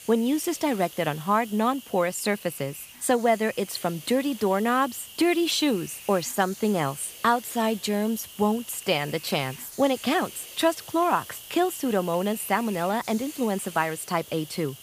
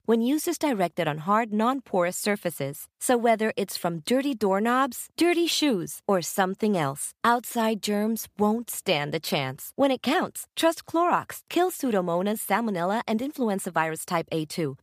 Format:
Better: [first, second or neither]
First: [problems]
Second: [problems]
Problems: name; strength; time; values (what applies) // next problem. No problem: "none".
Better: second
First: hiss; noticeable; throughout; 15 dB below the speech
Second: none